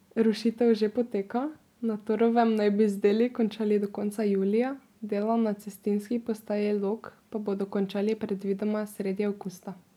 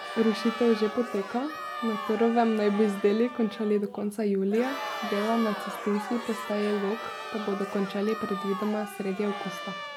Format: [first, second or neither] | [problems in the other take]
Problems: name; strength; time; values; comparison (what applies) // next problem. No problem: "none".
first | background sound (Trumpet + Crowd); 9 dB below the speech